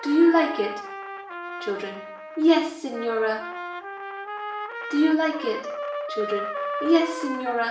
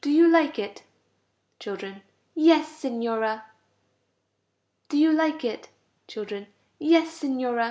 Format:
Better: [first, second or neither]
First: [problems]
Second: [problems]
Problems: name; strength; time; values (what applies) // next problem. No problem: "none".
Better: second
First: background sound (Trumpet); 8 dB below the speech // room echo; dies away in 0.5 s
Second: none